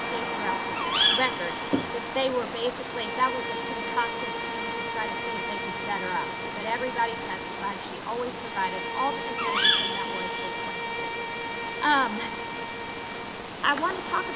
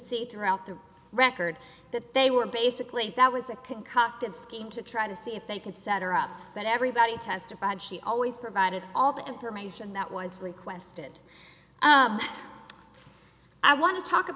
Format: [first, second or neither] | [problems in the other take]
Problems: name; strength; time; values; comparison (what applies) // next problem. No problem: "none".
second | background sound (Bird vocalization, bird call, bird song + Bowed string instrument); 1 dB above the speech